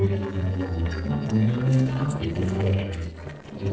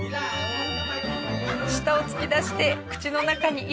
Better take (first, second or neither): second